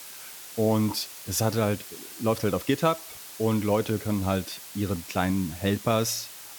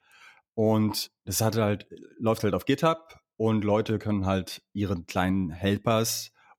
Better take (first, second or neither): second